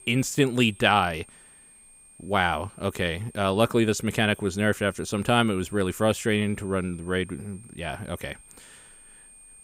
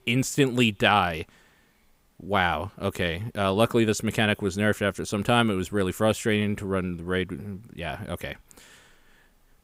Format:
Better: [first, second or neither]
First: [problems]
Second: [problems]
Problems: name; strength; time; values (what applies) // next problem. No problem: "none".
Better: second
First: high-pitched whine; faint; throughout; 8.5 kHz, 25 dB below the speech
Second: none